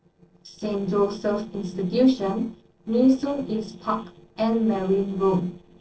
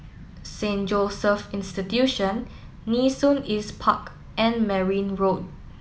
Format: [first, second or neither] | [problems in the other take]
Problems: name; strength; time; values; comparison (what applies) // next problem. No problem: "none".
second | noise reduction (neural separator model SepFormer DNS4)